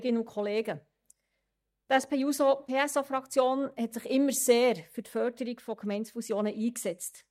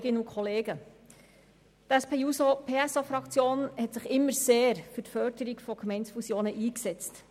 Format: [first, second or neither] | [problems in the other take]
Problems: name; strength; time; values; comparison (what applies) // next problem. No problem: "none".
second | noise reduction (neural mask model DeepFilterNet 3)